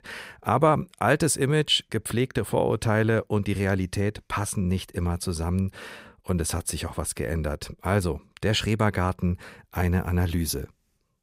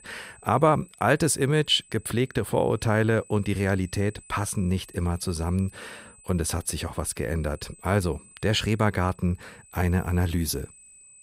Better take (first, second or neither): first